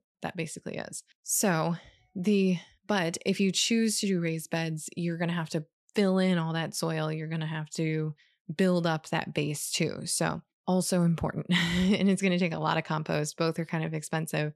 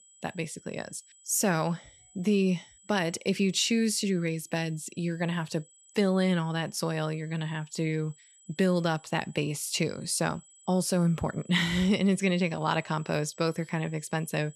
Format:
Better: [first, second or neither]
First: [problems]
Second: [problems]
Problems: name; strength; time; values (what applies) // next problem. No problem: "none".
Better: first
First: none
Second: high-pitched whine; faint; throughout; 8 kHz, 25 dB below the speech